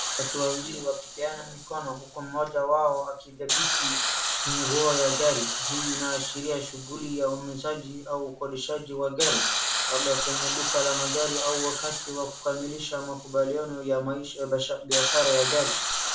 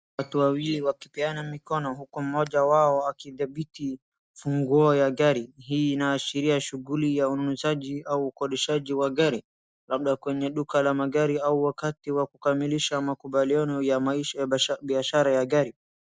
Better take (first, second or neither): second